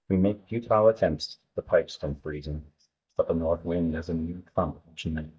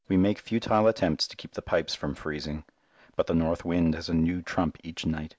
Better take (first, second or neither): second